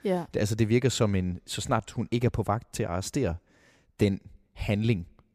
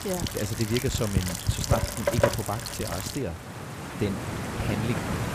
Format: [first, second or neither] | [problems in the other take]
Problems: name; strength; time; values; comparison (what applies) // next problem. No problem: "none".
first | rain or running water; very loud; throughout; 2 dB above the speech